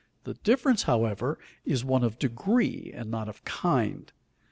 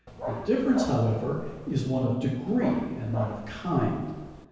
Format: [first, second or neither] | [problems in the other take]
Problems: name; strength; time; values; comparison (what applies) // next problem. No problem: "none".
first | background sound (Dog); 11 dB below the speech // room echo; dies away in 1.2 s